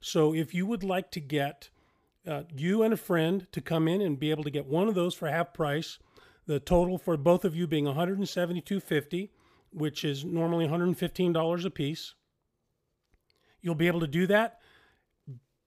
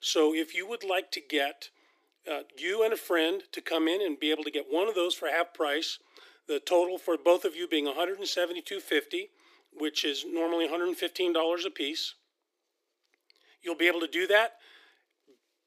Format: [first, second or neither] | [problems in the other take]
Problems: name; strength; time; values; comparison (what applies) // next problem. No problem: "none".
first | thin; very; fading below 300 Hz